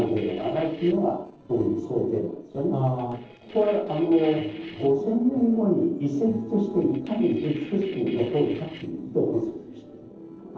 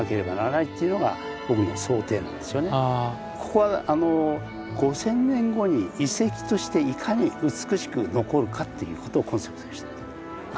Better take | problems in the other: second | noise reduction (neural separator model SepFormer DNS4)

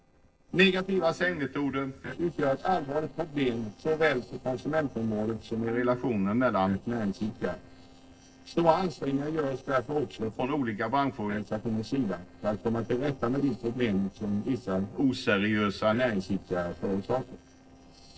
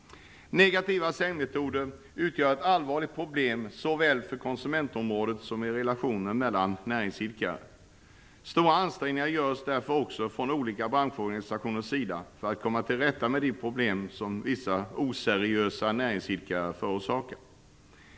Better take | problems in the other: second | noise reduction (neural separator model SepFormer DNS4)

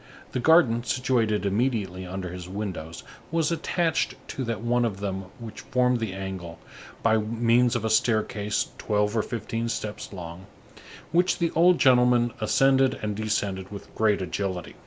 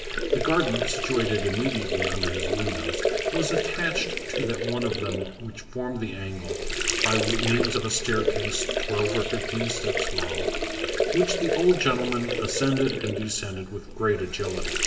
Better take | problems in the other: first | background sound (Sink (filling or washing) / Water); as loud as the speech // room echo; dies away in 1 s

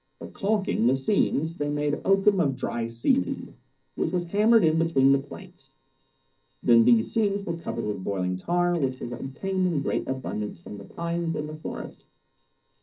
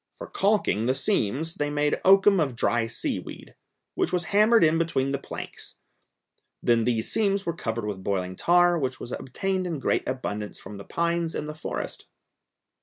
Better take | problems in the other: second | noise reduction (neural separator model SepFormer DNS4)

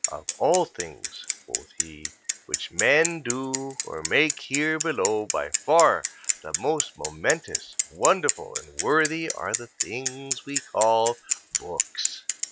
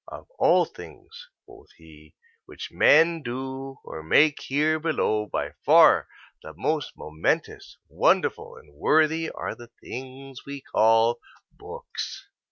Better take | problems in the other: second | background sound (Bicycle); 5 dB below the speech

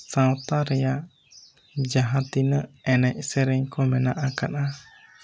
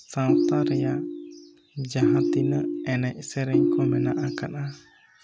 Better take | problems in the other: first | background sound (Ringtone); 4 dB above the speech

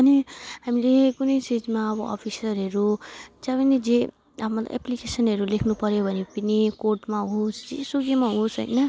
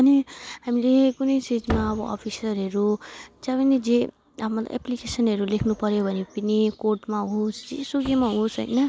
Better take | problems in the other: first | background sound (Slam); 18 dB below the speech

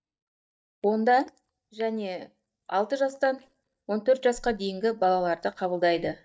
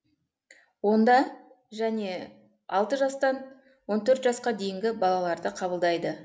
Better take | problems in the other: second | noise reduction (neural mask model DeepFilterNet 3)

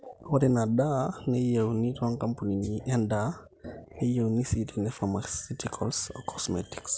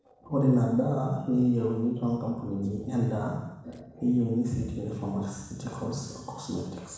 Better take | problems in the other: first | noise reduction (neural separator model SepFormer DNS4)

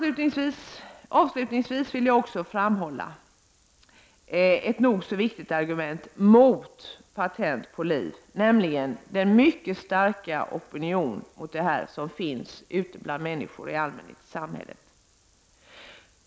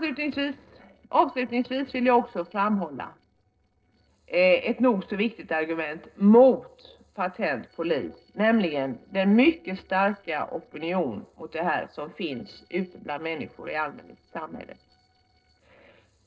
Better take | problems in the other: first | noise reduction (neural separator model SepFormer DNS4)

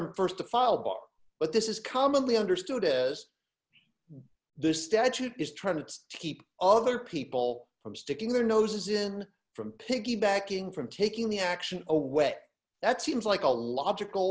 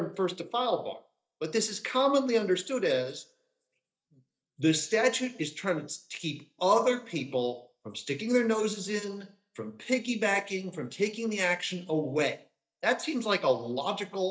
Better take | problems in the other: first | noise reduction (neural mask model DeepFilterNet 3)

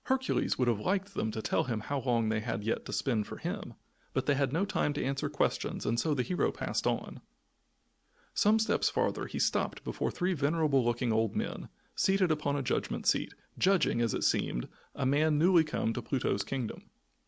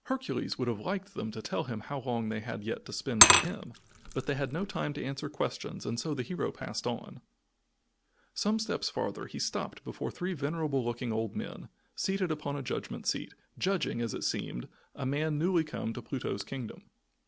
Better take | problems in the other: first | background sound (Glass / Liquid); 5 dB above the speech

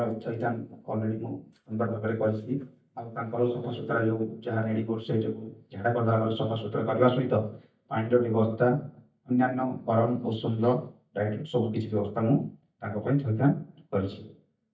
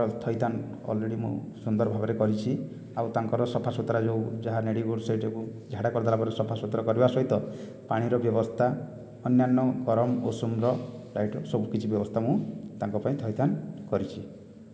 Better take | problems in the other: second | noise reduction (neural mask model DeepFilterNet 3)

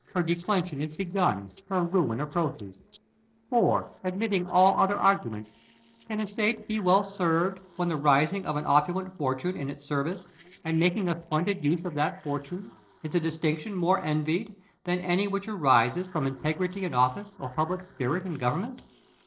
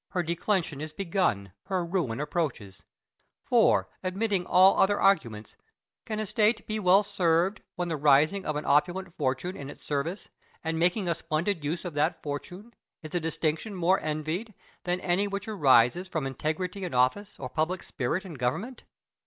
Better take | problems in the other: second | noise reduction (neural separator model SepFormer DNS4)

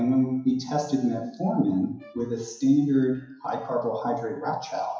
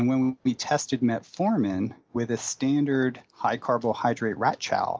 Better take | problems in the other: second | noise reduction (classical method WPE with log-MMSE)

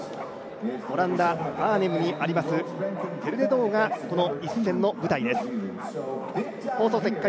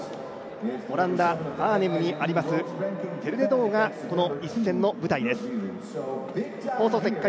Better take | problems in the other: second | background sound (Bark); 13 dB below the speech

